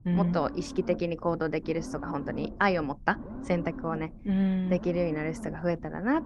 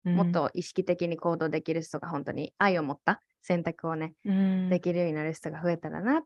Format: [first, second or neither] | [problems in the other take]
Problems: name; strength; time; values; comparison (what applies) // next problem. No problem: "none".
second | low rumble; noticeable; throughout; 15 dB below the speech